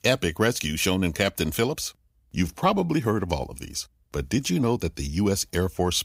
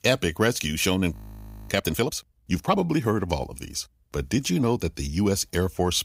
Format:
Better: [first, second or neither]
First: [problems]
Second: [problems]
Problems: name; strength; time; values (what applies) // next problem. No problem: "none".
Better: first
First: none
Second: audio freezing; at 1 s for 0.5 s